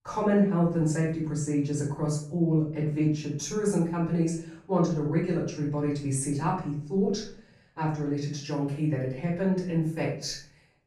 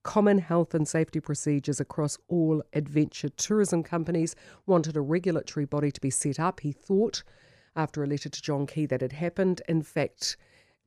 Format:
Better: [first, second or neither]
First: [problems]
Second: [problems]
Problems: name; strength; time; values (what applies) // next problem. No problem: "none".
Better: second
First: off-mic speech; far // room echo; noticeable; dies away in 0.4 s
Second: none